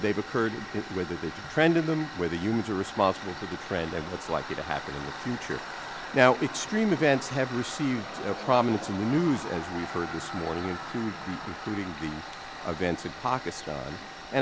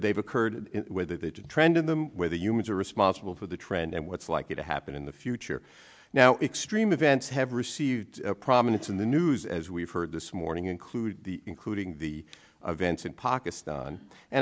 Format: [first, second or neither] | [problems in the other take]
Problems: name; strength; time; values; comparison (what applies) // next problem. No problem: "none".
second | background sound (Tools); 10 dB below the speech